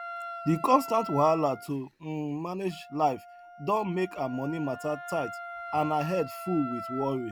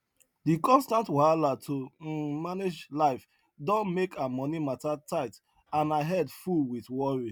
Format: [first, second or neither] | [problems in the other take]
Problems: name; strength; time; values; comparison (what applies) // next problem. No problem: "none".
second | background sound (Wind instrument, woodwind instrument); 11 dB below the speech